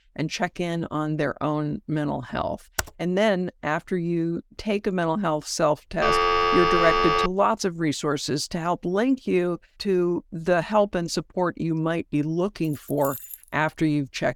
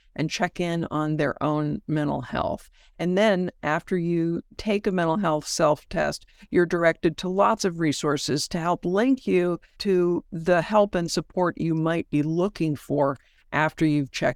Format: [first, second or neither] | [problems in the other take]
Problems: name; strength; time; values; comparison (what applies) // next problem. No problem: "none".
second | keyboard typing; very faint; at 3 s; peak 6 dB below the speech // phone ringing; loud; from 6 to 7.5 s; peak 5 dB above the speech // jangling keys; noticeable; at 13 s; peak 9 dB below the speech